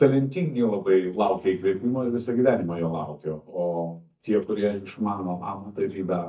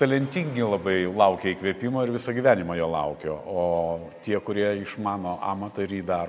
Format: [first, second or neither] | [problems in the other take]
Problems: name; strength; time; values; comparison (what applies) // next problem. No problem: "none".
second | noise reduction (neural mask model DeepFilterNet 3)